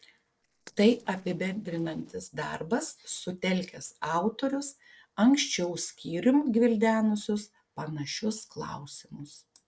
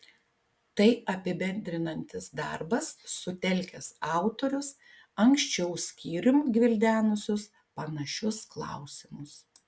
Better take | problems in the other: second | noise reduction (neural separator model SepFormer DNS4)

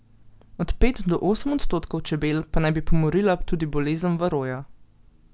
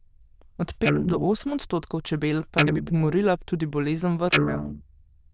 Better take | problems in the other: first | noise reduction (neural diffusion model UNIVERSE++)

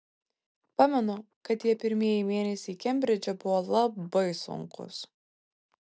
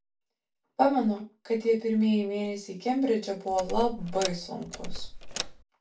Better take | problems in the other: first | background sound (Door); 6 dB below the speech // room echo; dies away in 0.2 s

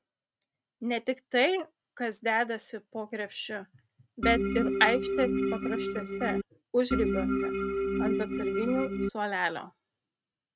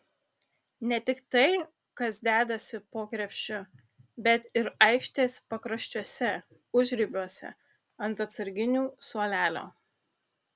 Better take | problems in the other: second | noise reduction (neural mask model RNNoise)

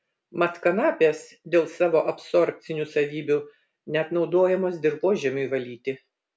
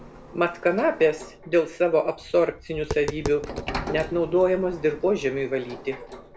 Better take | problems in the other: first | background sound (Sliding door + Tap); 12 dB below the speech

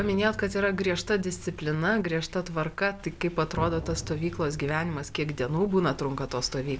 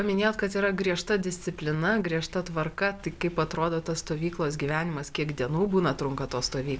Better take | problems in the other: second | background sound (Drum); 14 dB below the speech

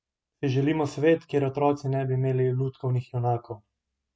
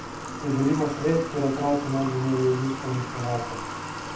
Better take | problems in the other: first | background sound (Water tap, faucet / Water); 8 dB below the speech // room echo; dies away in 0.6 s

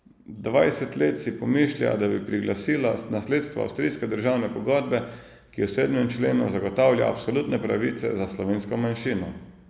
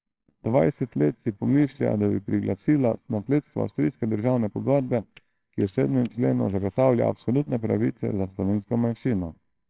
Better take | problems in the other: first | noise reduction (neural separator model SepFormer WHAMR!)

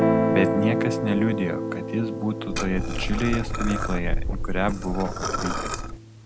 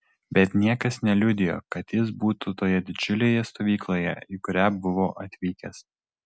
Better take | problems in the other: second | background sound (Guitar + Liquid); 2 dB above the speech

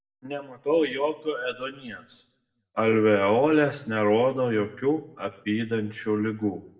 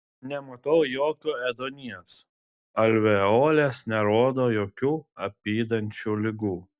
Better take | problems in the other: second | room echo; dies away in 0.6 s

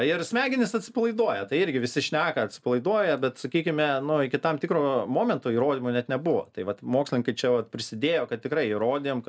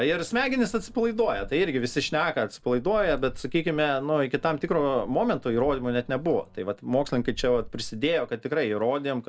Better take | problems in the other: first | background sound (Boat, Water vehicle); 15 dB below the speech

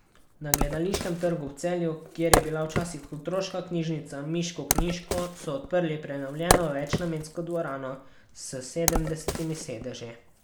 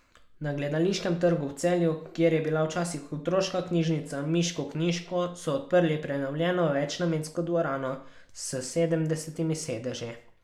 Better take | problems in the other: second | background sound (Wood); as loud as the speech

